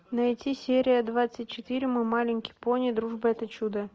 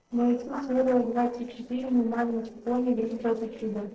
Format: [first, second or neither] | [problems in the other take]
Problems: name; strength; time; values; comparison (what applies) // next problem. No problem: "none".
first | noise reduction (neural separator model SepFormer DNS4)